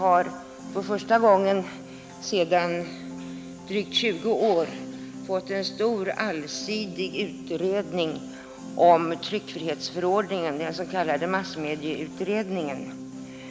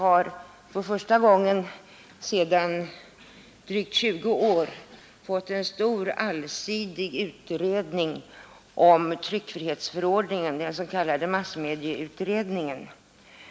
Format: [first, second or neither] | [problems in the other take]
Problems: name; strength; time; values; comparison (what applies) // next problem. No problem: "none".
second | background sound (Piano); 13 dB below the speech